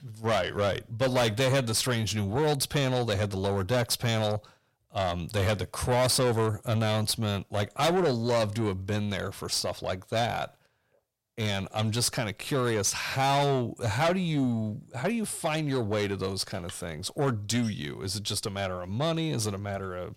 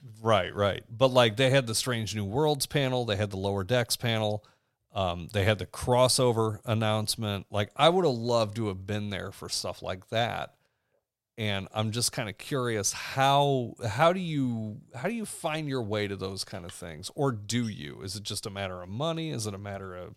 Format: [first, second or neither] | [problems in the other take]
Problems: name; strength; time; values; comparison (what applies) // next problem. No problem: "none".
second | distortion; heavy; 7 dB below the speech